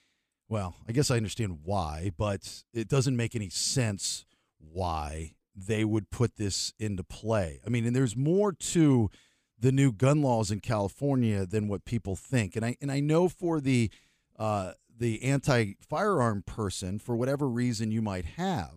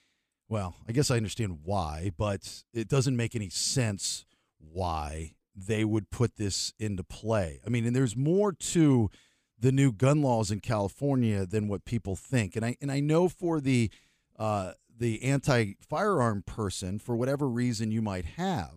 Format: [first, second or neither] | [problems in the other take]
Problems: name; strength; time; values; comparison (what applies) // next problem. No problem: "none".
neither | none